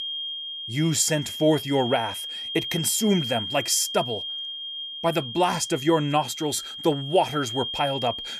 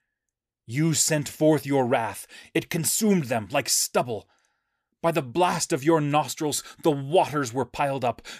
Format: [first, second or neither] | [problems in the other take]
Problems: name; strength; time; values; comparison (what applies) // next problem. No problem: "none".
second | high-pitched whine; loud; throughout; 3 kHz, 7 dB below the speech